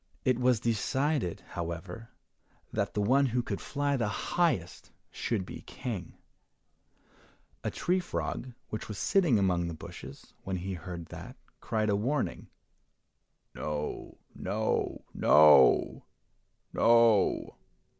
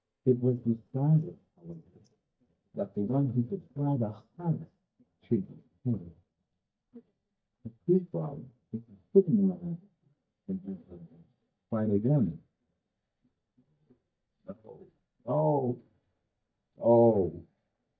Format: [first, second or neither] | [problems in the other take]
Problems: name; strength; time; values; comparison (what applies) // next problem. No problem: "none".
first | noise reduction (neural mask model DeepFilterNet 3)